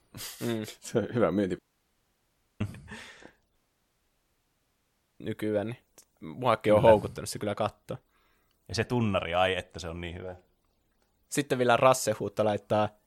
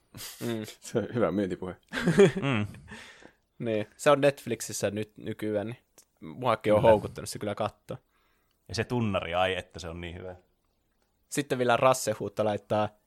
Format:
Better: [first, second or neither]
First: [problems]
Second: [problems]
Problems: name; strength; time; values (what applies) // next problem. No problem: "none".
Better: second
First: audio cutting out; at 1.5 s for 1 s and at 3.5 s for 1.5 s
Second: none